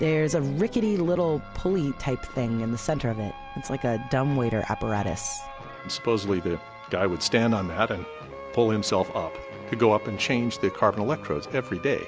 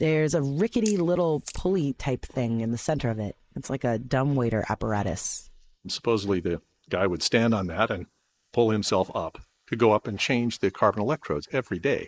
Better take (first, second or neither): first